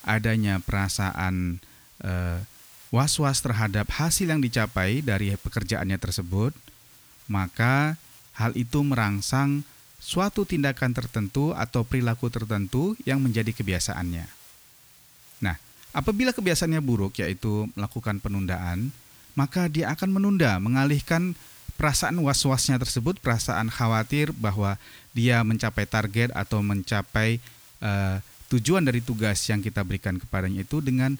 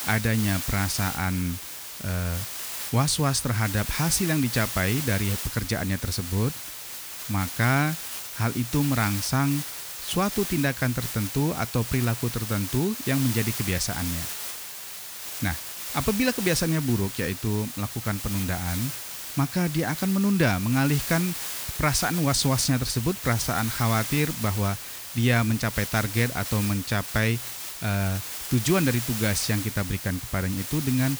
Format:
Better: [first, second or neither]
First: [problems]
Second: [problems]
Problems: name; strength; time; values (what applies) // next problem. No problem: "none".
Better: first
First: hiss; faint; throughout; 25 dB below the speech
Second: hiss; loud; throughout; 6 dB below the speech